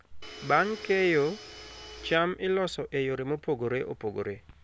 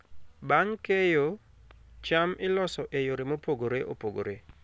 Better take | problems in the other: second | background sound (Domestic sounds, home sounds); 15 dB below the speech

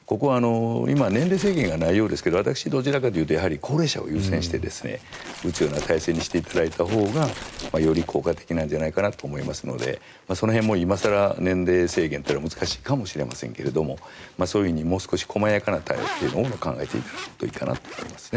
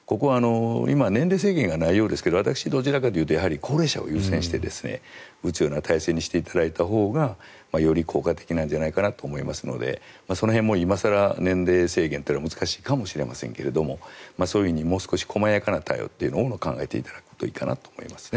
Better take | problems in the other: second | background sound (Zipper (clothing) + Tearing); 16 dB below the speech

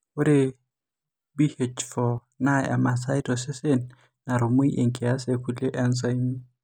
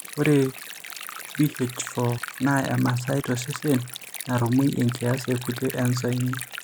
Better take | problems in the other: first | background sound (Stream); 13 dB below the speech

